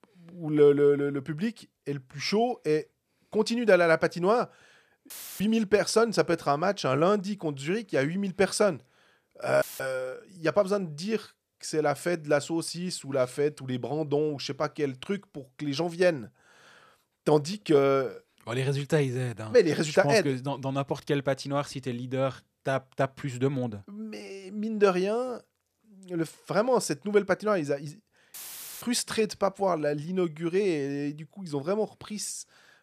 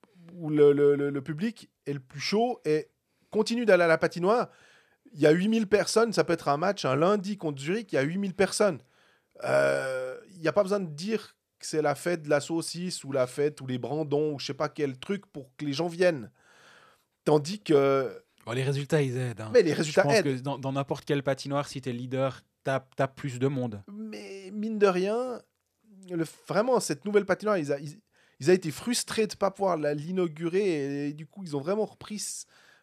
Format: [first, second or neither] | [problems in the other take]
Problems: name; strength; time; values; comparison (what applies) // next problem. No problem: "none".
second | audio cutting out; filled with static; at 5 s, at 9.5 s and at 28 s